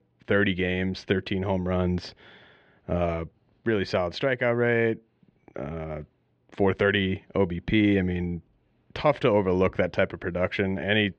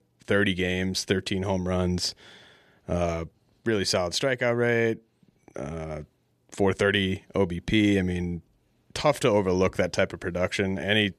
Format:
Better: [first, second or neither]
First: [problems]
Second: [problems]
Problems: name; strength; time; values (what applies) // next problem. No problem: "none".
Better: second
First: muffled; slightly; fading above 3 kHz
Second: none